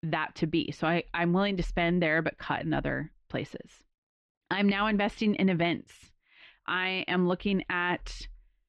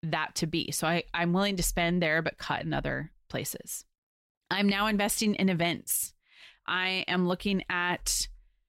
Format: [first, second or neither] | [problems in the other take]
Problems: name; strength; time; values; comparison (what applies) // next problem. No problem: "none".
second | muffled; slightly; fading above 3 kHz